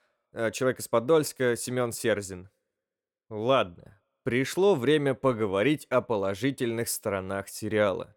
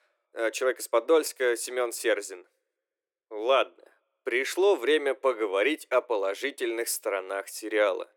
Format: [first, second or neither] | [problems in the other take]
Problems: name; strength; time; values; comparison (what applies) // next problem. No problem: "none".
first | thin; very; fading below 350 Hz